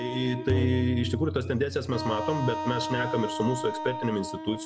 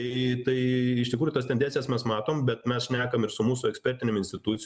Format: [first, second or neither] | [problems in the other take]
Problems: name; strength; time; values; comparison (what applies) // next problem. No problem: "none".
second | background sound (Wind instrument, woodwind instrument + Tabla); 4 dB below the speech